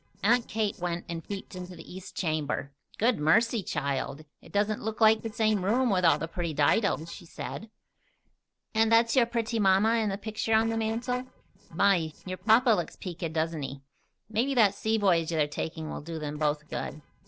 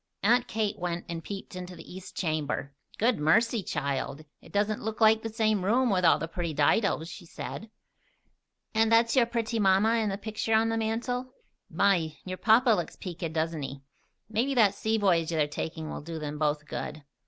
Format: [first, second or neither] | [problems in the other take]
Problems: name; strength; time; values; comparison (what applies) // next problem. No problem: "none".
second | noise reduction (neural separator model SepFormer DNS4)